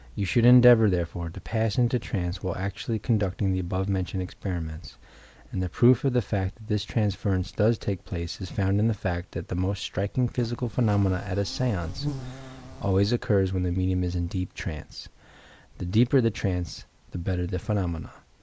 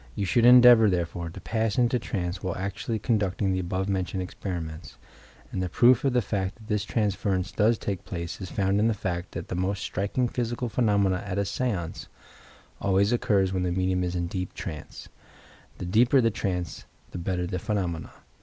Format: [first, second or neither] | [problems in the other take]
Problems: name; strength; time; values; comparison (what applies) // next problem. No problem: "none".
second | background sound (Insect); 12 dB below the speech